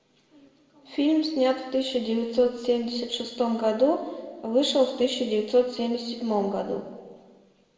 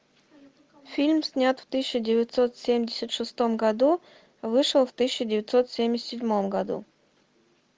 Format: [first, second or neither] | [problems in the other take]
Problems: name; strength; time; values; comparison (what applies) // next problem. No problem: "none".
second | room echo; dies away in 1.4 s